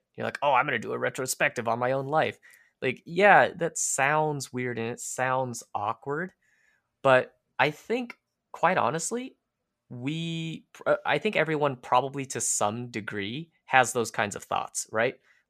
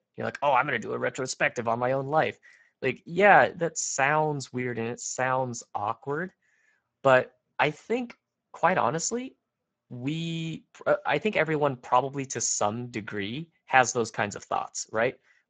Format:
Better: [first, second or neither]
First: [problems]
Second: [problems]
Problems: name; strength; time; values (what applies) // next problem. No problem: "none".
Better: first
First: none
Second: garbled, watery; badly; nothing above 7.5 kHz